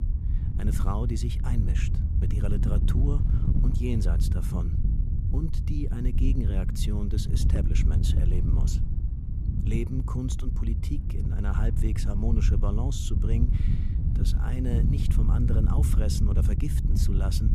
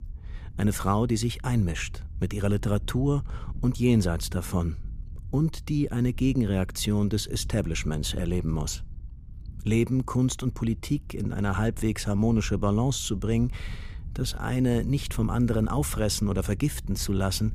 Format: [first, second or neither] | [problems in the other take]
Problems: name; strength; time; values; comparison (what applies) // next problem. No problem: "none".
second | wind noise on the microphone; heavy; 2 dB below the speech; occasional gusts in the second